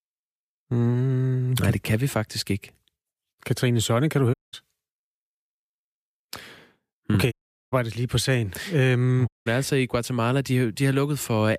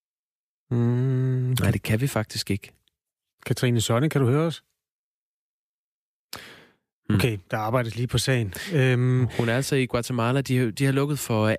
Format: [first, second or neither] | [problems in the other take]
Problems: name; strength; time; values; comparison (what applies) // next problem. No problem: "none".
second | audio cutting out; at 4.5 s, at 7.5 s and at 9.5 s